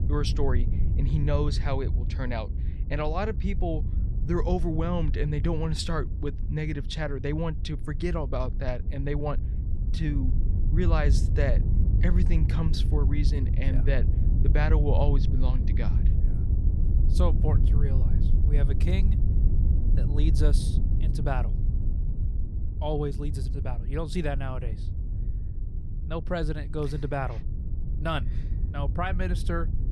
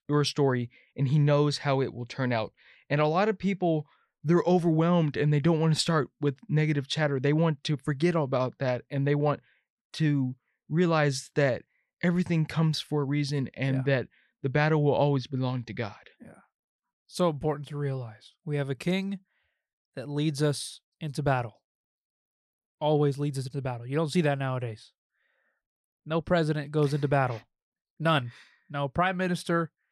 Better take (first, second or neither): second